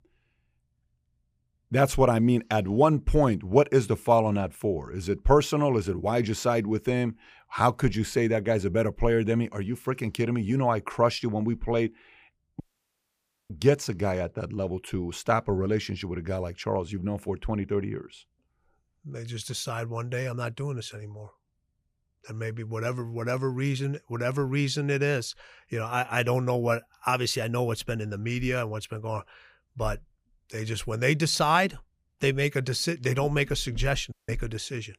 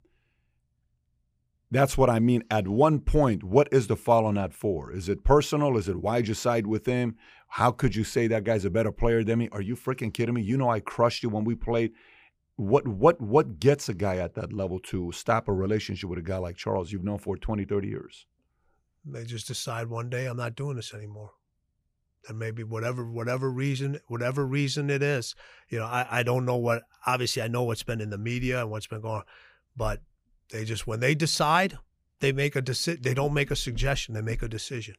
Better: second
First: audio cutting out; at 13 s for 1 s and at 34 s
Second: none

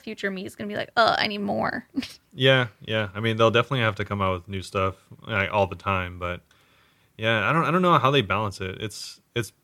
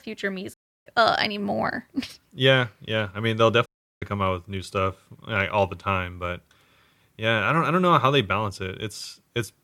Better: first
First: none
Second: audio cutting out; at 0.5 s and at 3.5 s

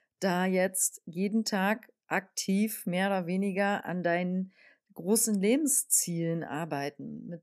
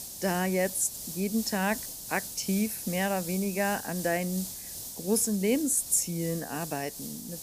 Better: first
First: none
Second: hiss; loud; throughout; 8 dB below the speech

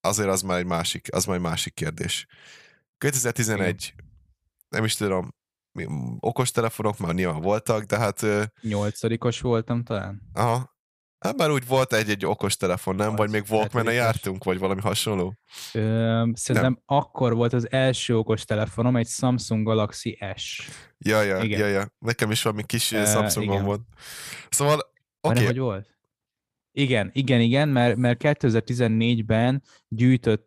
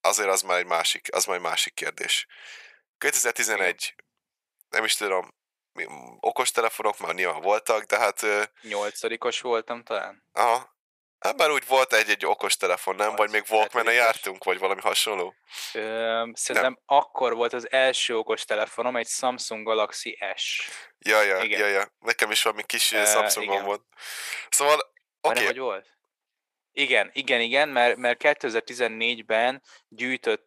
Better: first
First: none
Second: thin; very; fading below 450 Hz

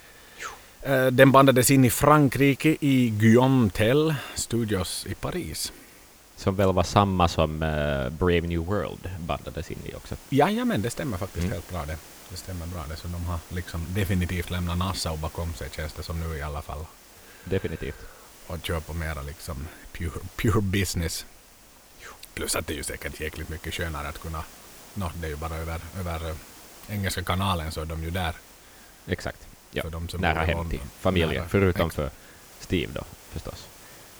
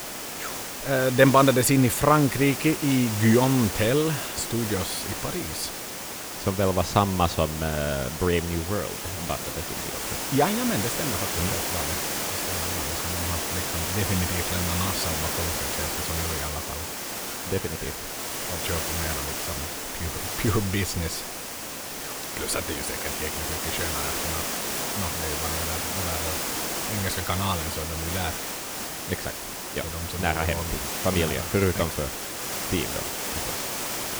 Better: first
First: hiss; faint; throughout; 20 dB below the speech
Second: hiss; loud; throughout; 2 dB below the speech

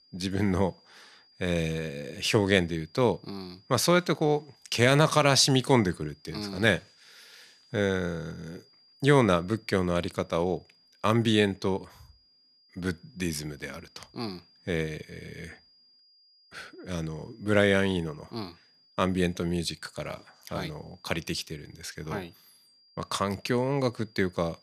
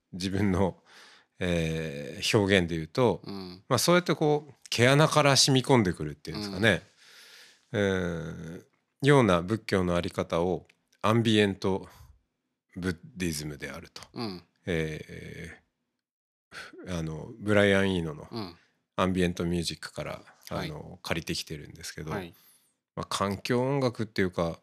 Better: second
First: high-pitched whine; faint; throughout; 5 kHz, 30 dB below the speech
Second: none

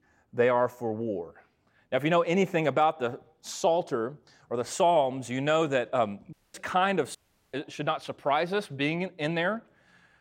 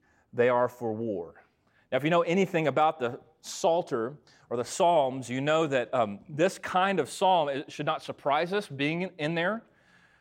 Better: second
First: audio cutting out; at 6.5 s and at 7 s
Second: none

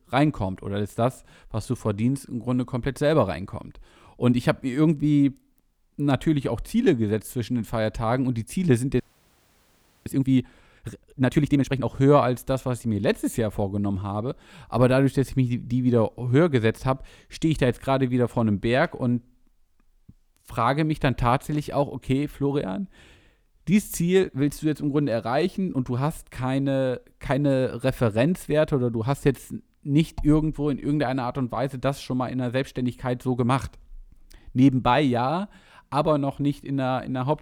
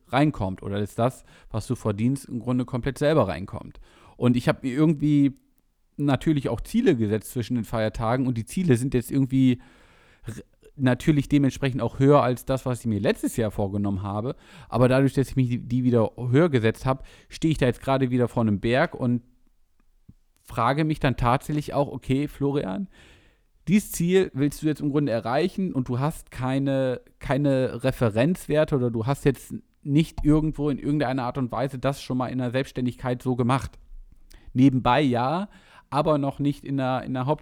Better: second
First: audio freezing; at 9 s for 1 s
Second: none

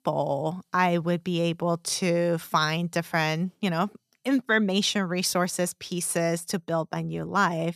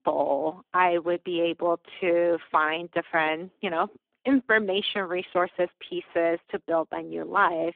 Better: first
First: none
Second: phone-call audio; poor line; nothing above 3.5 kHz

